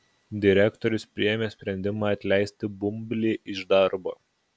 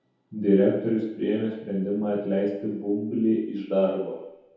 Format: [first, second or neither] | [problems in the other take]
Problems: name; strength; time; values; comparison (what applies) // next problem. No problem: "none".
first | room echo; dies away in 0.8 s